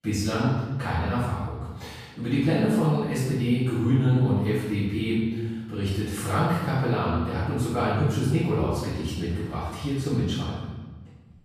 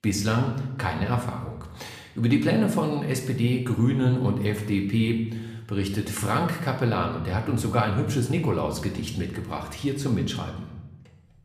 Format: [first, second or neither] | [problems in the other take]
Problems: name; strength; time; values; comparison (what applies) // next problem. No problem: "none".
second | room echo; strong; dies away in 1.2 s; slight in the second // off-mic speech; far; somewhat distant in the second